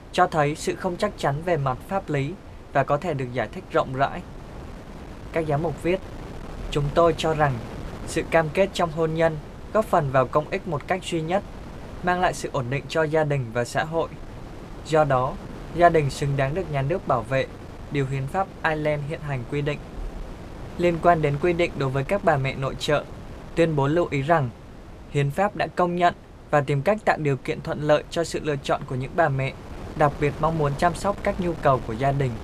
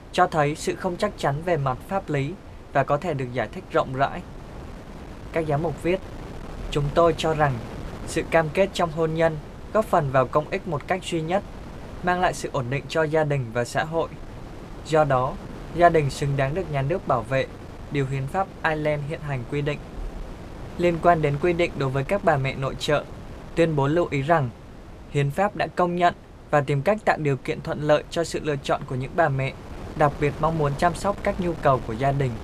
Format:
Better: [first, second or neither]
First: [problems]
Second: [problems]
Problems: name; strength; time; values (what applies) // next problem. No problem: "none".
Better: neither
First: wind noise on the microphone; occasional gusts; 20 dB below the speech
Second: wind noise on the microphone; occasional gusts; 20 dB below the speech